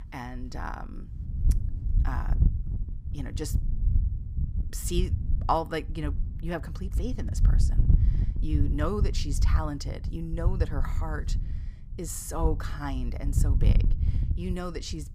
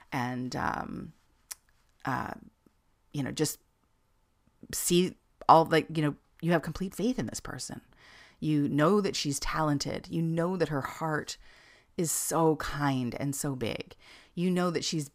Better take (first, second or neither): second